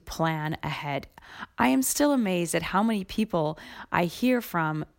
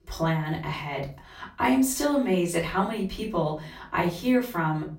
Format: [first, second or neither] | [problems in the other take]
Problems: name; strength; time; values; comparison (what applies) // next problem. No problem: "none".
first | off-mic speech; far // room echo; slight; dies away in 0.3 s